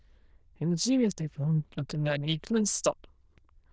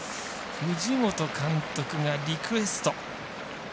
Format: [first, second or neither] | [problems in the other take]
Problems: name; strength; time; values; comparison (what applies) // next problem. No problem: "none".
second | noise reduction (neural diffusion model UNIVERSE++)